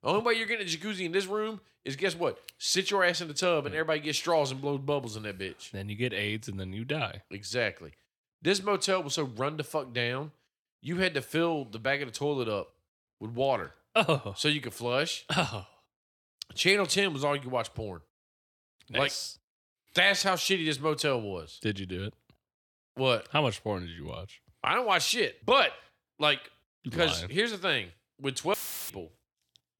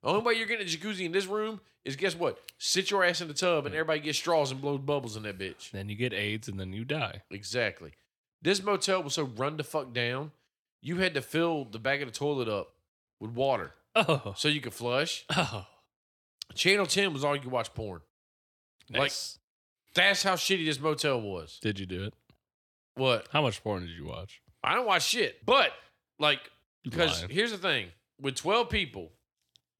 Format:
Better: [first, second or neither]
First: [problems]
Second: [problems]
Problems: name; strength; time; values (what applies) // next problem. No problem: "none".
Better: second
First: audio cutting out; filled with static; at 29 s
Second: none